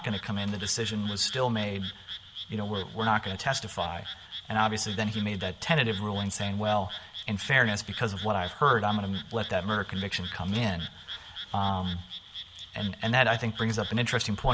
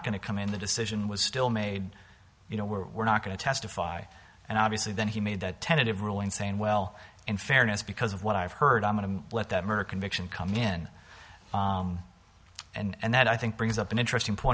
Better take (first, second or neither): second